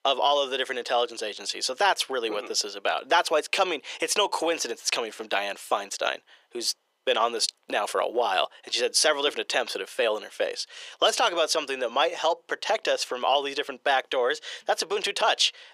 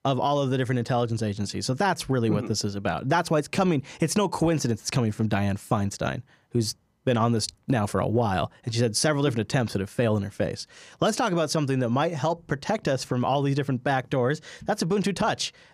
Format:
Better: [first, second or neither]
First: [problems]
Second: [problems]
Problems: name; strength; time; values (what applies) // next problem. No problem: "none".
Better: second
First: thin; very; fading below 450 Hz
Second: none